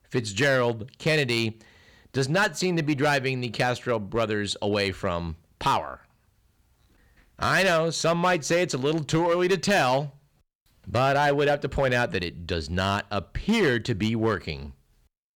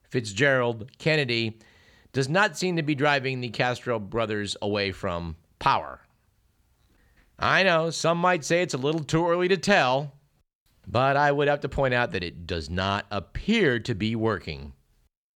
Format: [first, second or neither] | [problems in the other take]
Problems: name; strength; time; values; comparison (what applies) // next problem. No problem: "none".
second | distortion; slight; 5% of the sound clipped